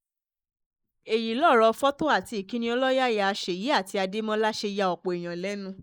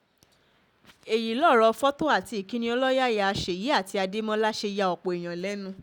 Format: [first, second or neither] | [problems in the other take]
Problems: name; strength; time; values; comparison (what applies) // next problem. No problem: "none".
second | noise reduction (neural mask model Resemble Enhance denoiser)